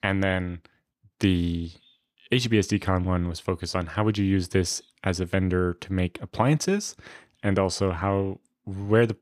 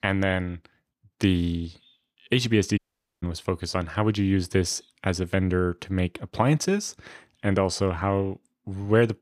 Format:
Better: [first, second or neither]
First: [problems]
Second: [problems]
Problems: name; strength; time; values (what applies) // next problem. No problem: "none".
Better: first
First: none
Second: audio cutting out; at 3 s